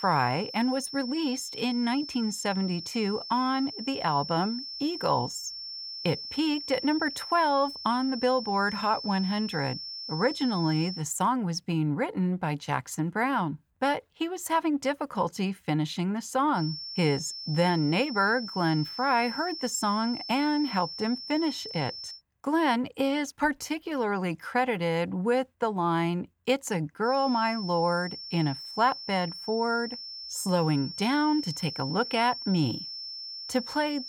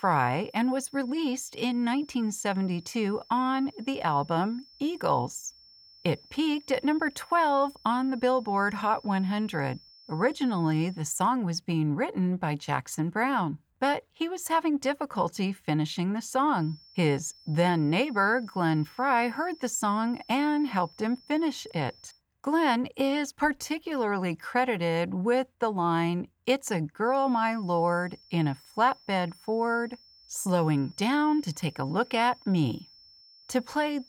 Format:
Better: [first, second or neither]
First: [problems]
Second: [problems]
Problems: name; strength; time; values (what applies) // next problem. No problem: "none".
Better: second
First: high-pitched whine; loud; until 11 s, from 17 to 22 s and from 27 s on; 5.5 kHz, 8 dB below the speech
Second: high-pitched whine; faint; until 11 s, from 17 to 22 s and from 27 s on; 5.5 kHz, 25 dB below the speech